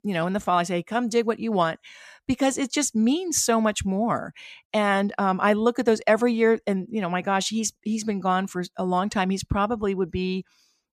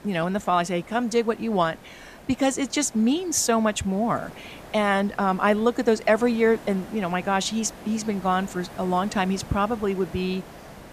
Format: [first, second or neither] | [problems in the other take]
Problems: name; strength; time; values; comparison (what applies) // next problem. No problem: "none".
first | hiss; noticeable; throughout; 20 dB below the speech